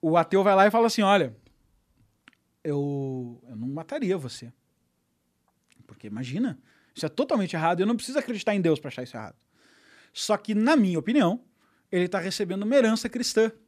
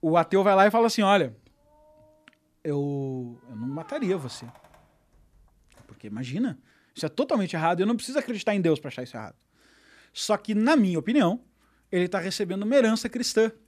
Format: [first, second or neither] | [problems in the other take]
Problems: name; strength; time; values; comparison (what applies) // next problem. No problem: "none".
first | household noises; faint; throughout; 30 dB below the speech